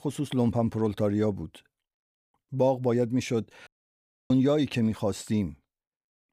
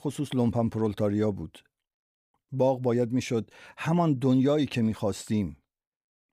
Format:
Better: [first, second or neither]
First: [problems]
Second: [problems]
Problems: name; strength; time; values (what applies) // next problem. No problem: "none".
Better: second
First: audio cutting out; at 3.5 s for 0.5 s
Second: none